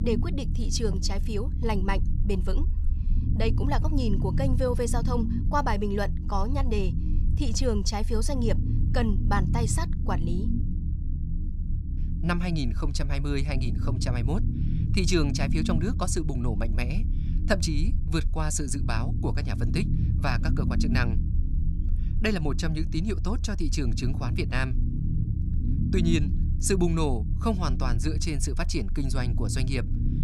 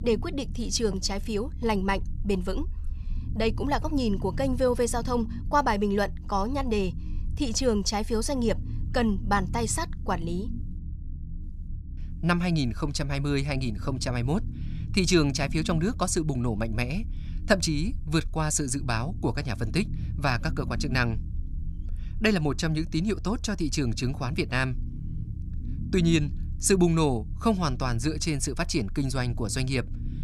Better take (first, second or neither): second